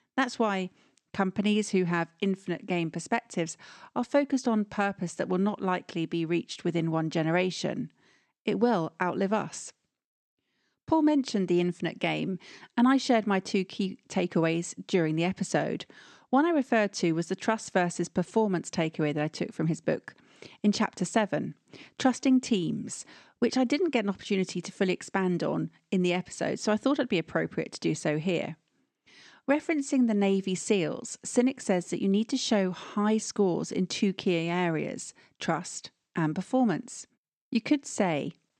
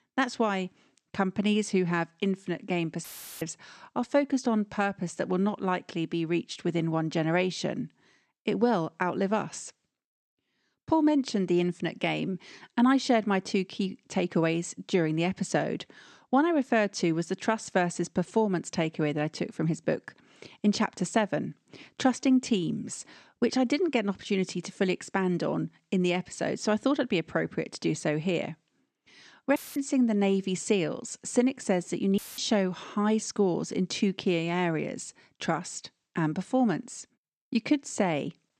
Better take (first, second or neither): first